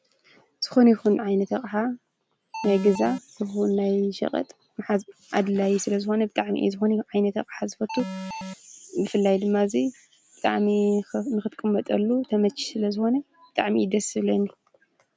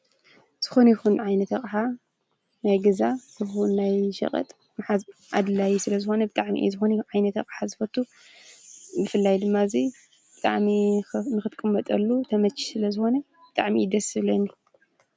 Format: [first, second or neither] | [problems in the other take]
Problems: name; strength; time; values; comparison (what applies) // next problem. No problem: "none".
second | background sound (Alarm); 9 dB below the speech